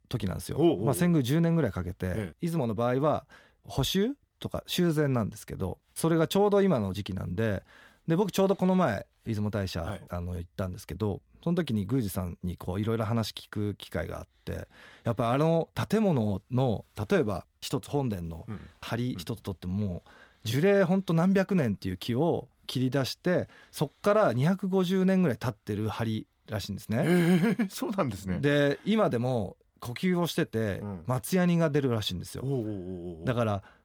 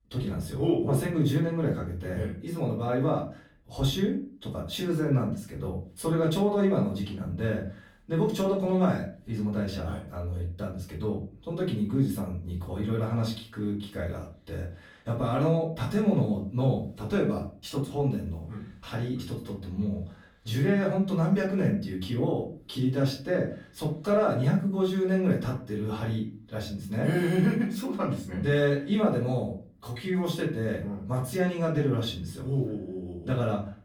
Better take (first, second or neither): first